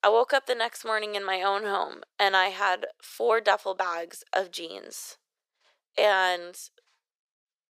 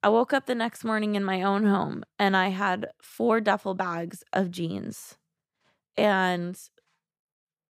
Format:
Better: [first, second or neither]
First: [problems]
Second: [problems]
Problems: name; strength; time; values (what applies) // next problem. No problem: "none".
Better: second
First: thin; very; fading below 450 Hz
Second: none